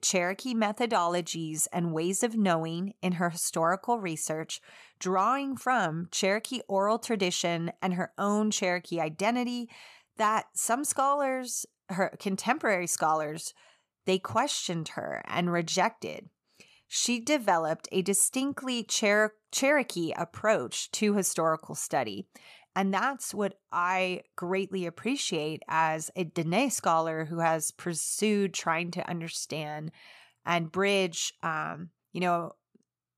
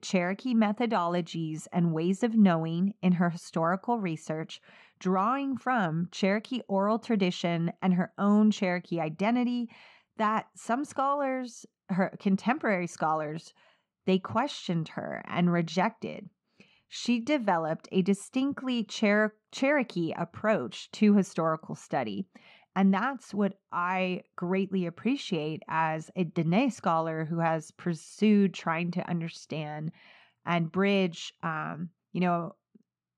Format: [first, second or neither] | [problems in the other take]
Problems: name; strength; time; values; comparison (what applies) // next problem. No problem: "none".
first | muffled; slightly; fading above 3.5 kHz